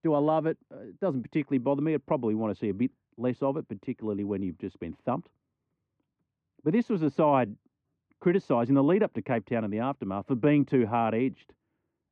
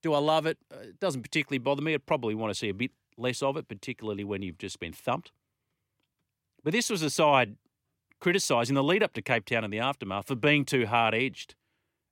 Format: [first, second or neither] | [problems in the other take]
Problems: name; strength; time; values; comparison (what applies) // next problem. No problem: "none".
second | muffled; very; fading above 1 kHz